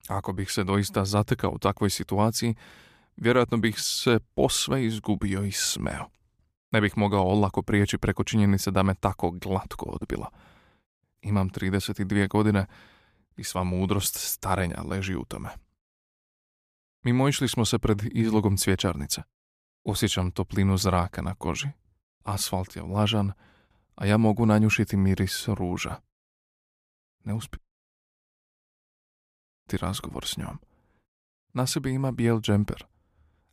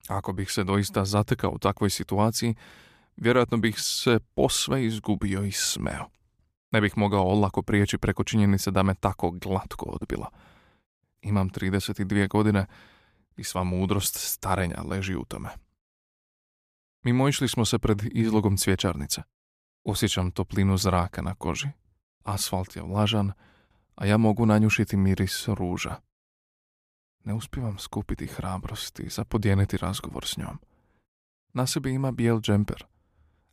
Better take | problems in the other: second | audio cutting out; at 28 s for 2 s

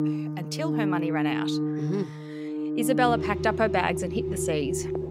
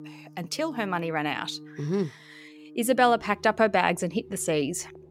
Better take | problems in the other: second | background music; loud; throughout; 1 dB below the speech; faint in the second

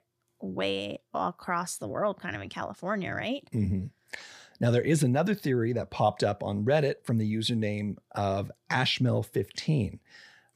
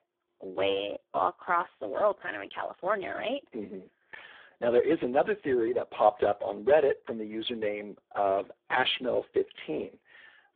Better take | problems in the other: first | phone-call audio; poor line; nothing above 3.5 kHz

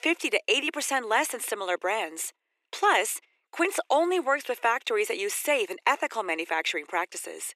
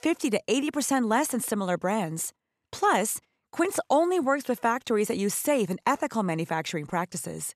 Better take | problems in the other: second | thin; very; fading below 350 Hz

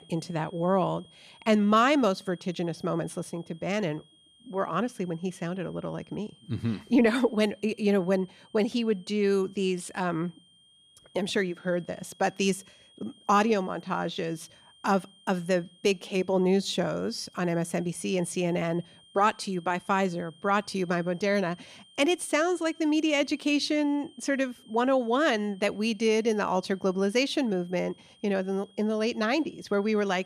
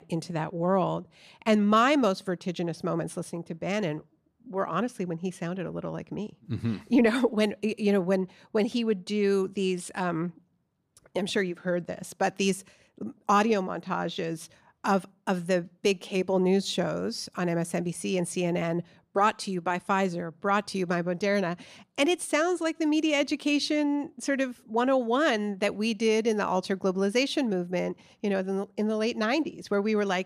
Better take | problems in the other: second | high-pitched whine; faint; throughout; 3 kHz, 30 dB below the speech

